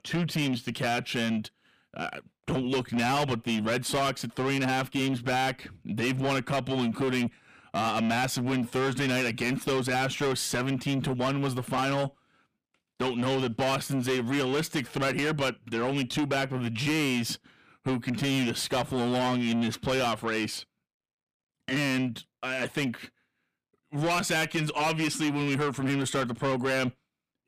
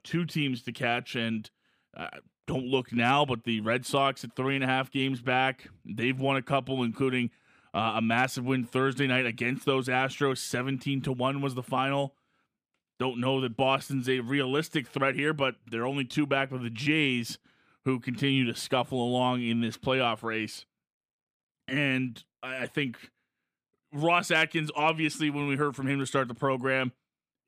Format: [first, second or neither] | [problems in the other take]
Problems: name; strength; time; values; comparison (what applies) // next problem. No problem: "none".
second | distortion; heavy; 7 dB below the speech